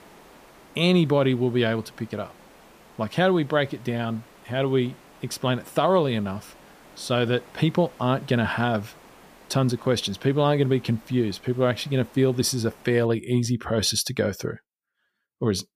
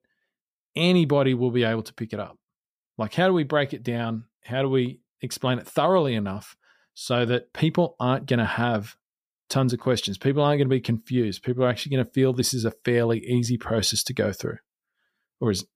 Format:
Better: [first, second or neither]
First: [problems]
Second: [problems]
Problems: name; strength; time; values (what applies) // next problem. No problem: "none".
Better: second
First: hiss; faint; until 13 s; 25 dB below the speech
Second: none